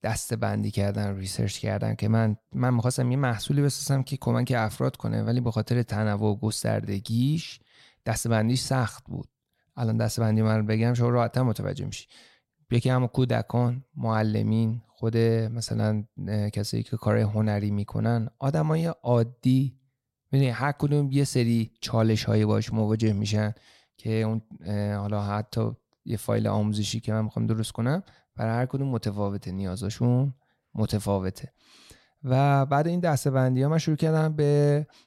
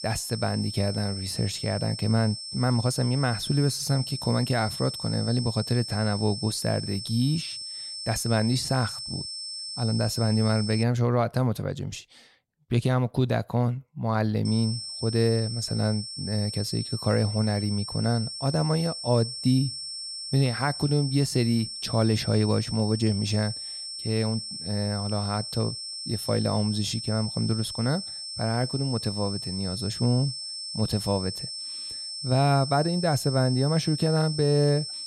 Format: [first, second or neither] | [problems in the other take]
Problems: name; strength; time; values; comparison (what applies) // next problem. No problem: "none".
first | high-pitched whine; loud; until 11 s and from 14 s on; 5.5 kHz, 7 dB below the speech